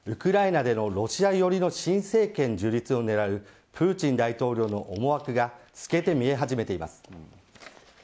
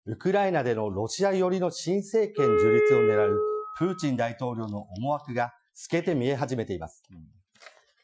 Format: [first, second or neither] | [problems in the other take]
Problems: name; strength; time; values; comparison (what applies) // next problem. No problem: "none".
first | noise reduction (classical method Wiener filter)